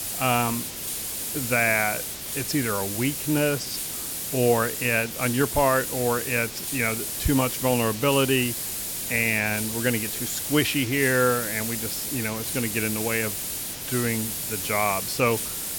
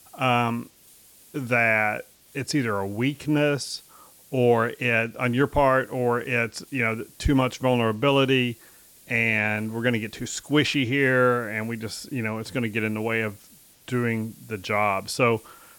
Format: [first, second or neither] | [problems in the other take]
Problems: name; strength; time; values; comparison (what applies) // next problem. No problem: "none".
second | hiss; loud; throughout; 3 dB below the speech; faint in the second